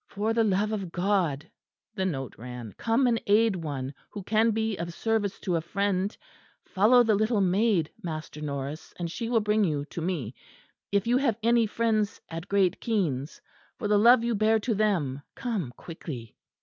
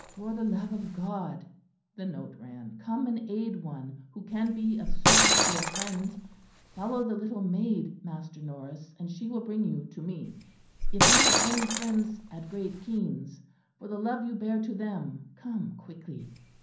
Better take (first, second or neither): first